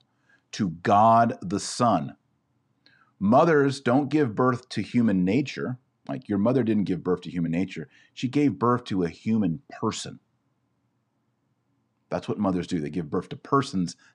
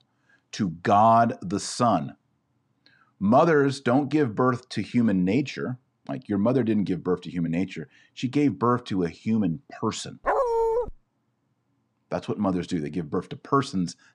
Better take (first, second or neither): first